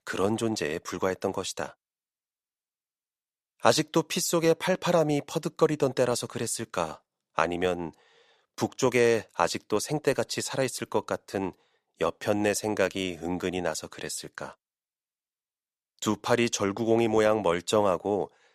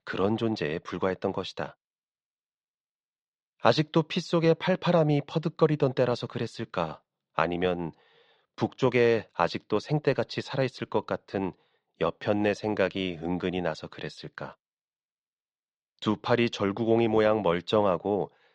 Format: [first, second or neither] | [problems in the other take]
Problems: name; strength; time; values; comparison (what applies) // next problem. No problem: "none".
first | muffled; slightly; fading above 4 kHz